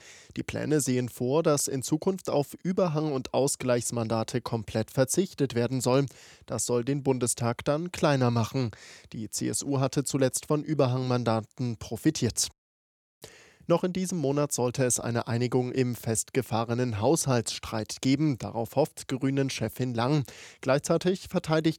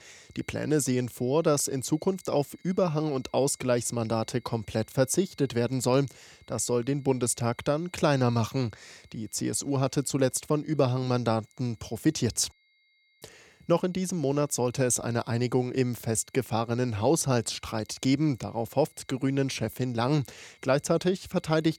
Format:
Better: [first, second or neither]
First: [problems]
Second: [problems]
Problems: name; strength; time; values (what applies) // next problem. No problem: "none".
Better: first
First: none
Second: high-pitched whine; faint; throughout; 2 kHz, 35 dB below the speech